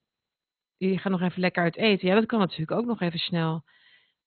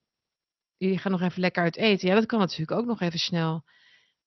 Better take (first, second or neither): second